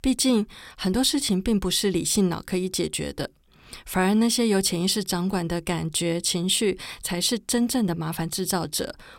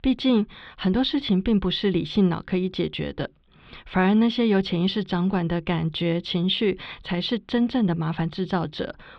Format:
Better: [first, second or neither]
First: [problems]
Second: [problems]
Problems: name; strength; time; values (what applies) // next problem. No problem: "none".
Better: first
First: none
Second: muffled; slightly; fading above 3.5 kHz